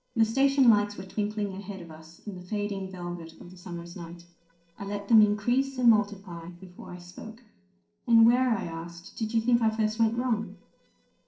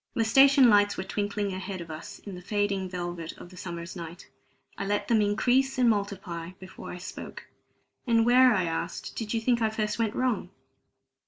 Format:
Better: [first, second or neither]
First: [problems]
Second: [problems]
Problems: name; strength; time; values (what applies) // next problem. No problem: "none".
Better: second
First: noise reduction (neural separator model SepFormer DNS4)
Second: none